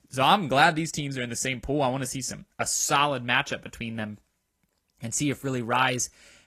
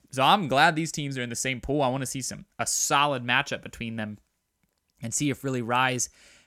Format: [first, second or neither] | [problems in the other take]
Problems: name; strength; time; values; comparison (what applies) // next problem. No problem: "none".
second | garbled, watery; slightly; nothing above 12.5 kHz